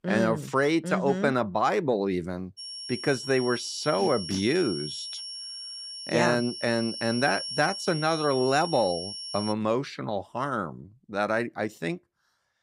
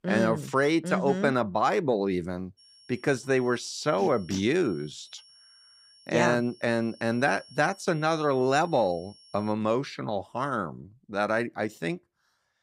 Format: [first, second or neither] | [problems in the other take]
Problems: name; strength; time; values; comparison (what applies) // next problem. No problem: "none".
second | high-pitched whine; loud; from 2.5 to 9.5 s; 5.5 kHz, 8 dB below the speech; faint in the second